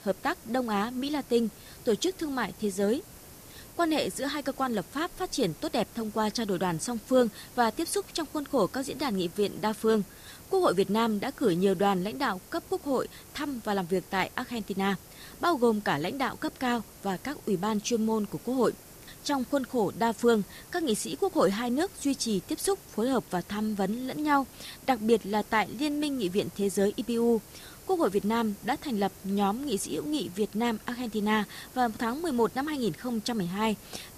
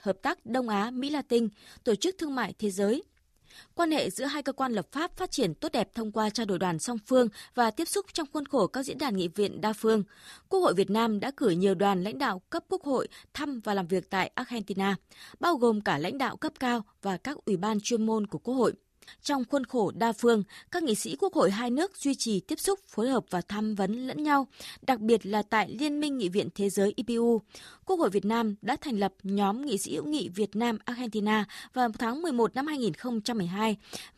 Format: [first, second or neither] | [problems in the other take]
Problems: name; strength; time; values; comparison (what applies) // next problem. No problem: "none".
second | hiss; noticeable; throughout; 20 dB below the speech